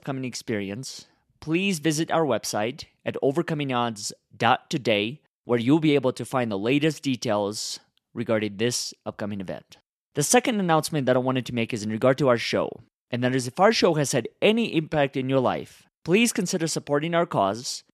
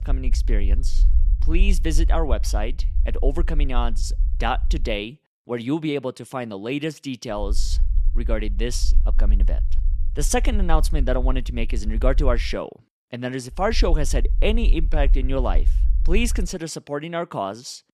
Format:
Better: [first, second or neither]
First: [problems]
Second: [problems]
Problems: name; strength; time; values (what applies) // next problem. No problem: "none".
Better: first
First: none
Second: low rumble; faint; until 5 s, from 7.5 to 12 s and from 14 to 16 s; 20 dB below the speech